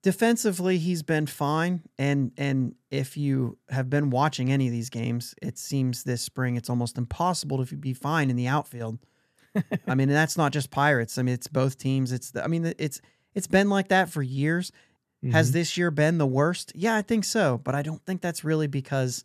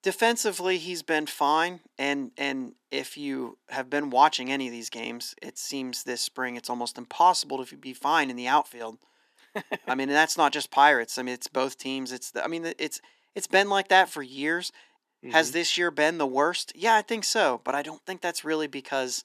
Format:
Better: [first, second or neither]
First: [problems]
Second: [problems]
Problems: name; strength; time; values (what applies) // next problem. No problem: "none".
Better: first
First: none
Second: thin; somewhat; fading below 300 Hz